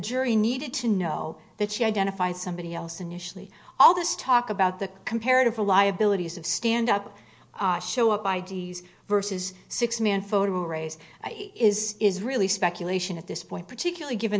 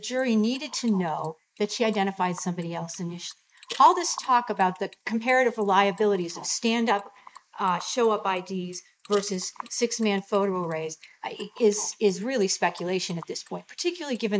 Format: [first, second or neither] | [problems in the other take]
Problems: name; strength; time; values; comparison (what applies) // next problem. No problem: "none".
first | noise reduction (neural mask model Resemble Enhance denoiser)